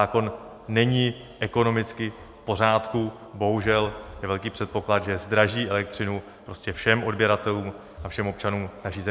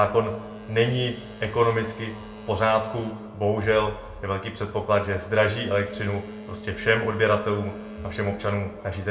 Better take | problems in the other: first | background sound (Boat, Water vehicle); 15 dB below the speech // room echo; dies away in 0.3 s

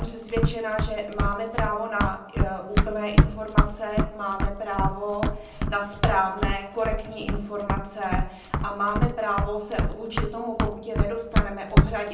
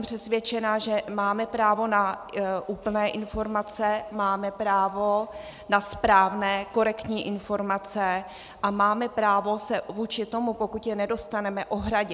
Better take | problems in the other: second | background sound (Run); 4 dB above the speech // room echo; dies away in 0.6 s

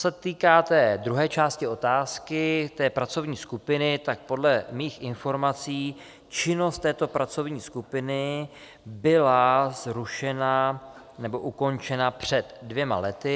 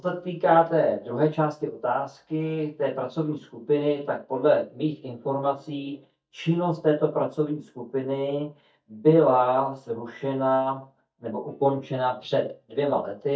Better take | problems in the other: first | noise reduction (neural mask model DeepFilterNet 3)

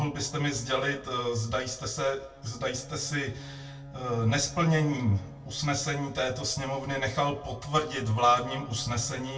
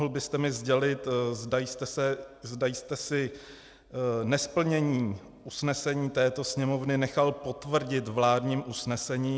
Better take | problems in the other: second | background sound (Bowed string instrument); 17 dB below the speech // room echo; dies away in 0.2 s

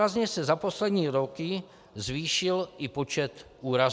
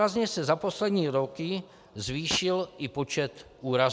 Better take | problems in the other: first | background sound (Fart); 15 dB below the speech

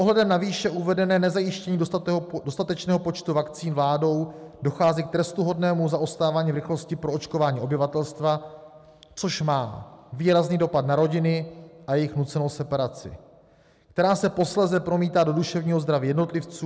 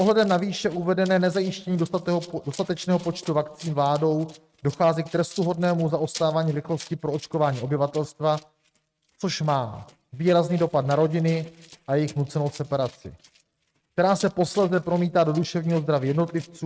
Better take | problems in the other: first | noise reduction (neural mask model RNNoise)

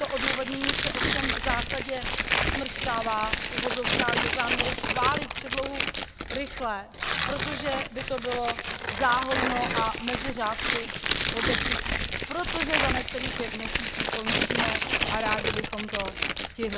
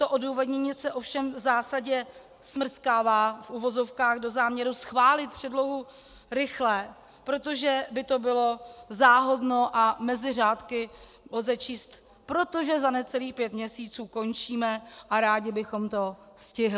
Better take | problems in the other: second | background sound (Tearing); 3 dB above the speech

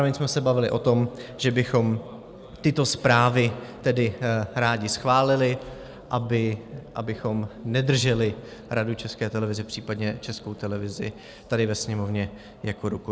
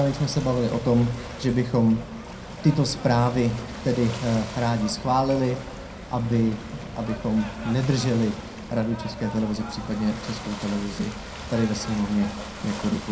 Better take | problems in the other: first | background sound (Ocean / Boat, Water vehicle); 12 dB below the speech // room echo; dies away in 0.2 s

